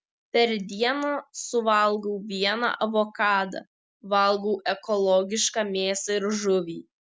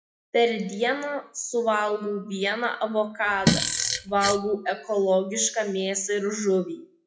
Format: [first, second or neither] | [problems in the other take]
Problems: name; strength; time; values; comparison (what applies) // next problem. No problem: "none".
first | noise reduction (classical method WPE with log-MMSE)